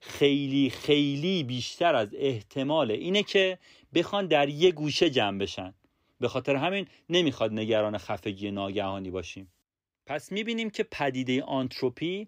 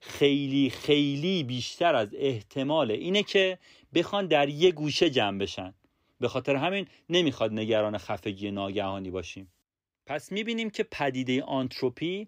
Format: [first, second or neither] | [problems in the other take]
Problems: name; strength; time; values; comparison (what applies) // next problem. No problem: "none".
neither | none